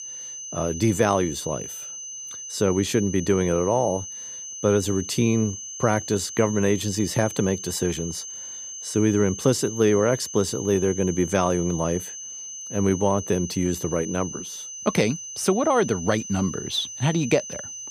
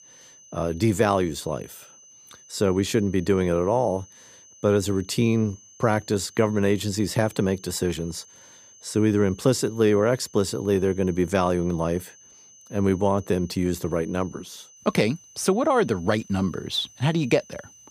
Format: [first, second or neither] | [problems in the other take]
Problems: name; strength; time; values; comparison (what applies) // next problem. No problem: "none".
second | high-pitched whine; loud; throughout; 6 kHz, 9 dB below the speech; faint in the second